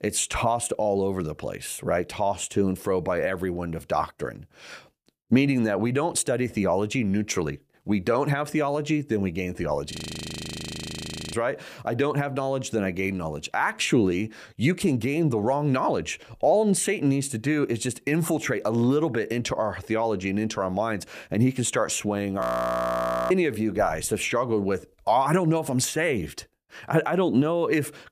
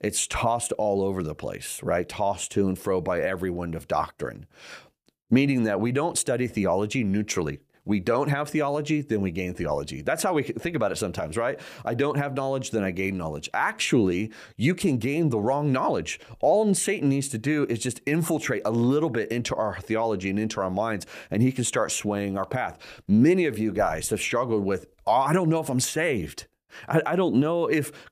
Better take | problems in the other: second | audio freezing; at 10 s for 1.5 s and at 22 s for 1 s

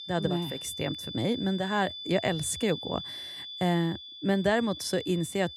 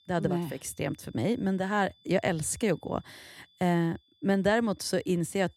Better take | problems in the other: second | high-pitched whine; loud; throughout; 3.5 kHz, 9 dB below the speech; faint in the second

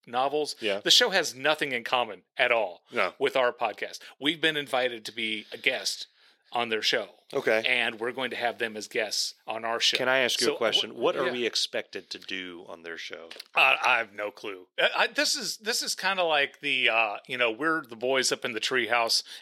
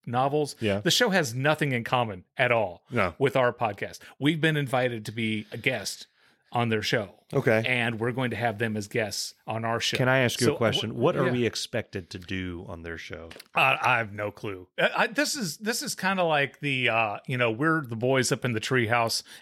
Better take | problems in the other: second | thin; somewhat; fading below 400 Hz

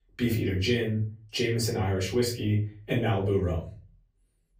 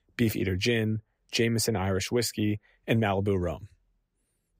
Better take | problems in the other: second | off-mic speech; far // room echo; slight; dies away in 0.3 s

